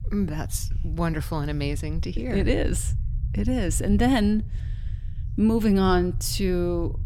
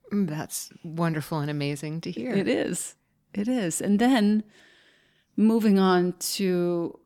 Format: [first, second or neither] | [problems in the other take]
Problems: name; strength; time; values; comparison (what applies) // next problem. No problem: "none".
second | low rumble; noticeable; throughout; 20 dB below the speech